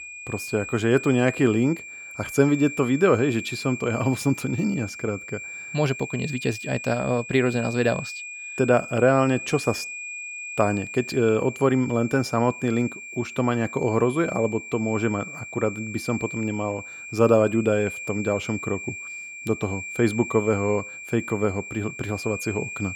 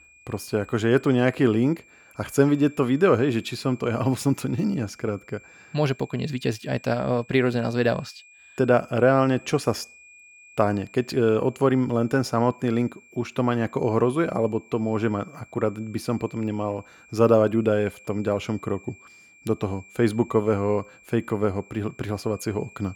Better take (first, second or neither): second